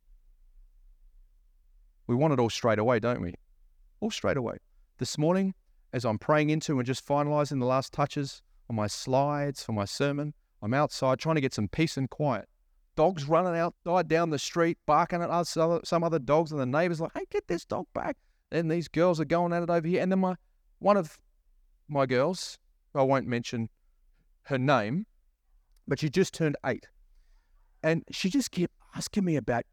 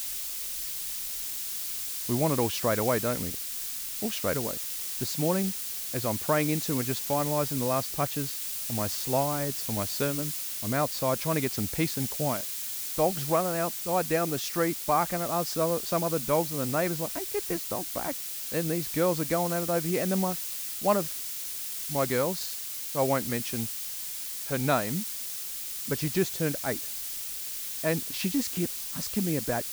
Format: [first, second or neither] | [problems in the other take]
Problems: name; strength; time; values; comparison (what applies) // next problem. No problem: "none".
first | hiss; loud; throughout; 2 dB below the speech